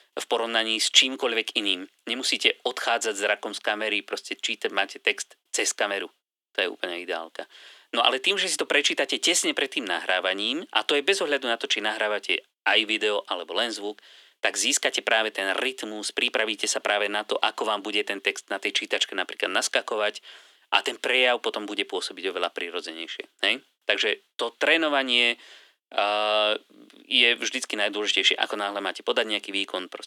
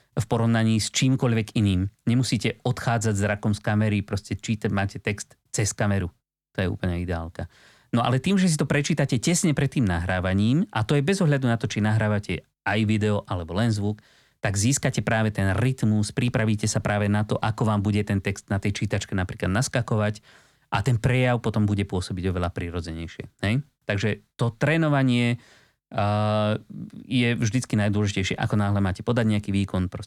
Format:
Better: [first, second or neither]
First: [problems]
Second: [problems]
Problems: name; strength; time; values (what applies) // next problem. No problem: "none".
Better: second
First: thin; very; fading below 300 Hz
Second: none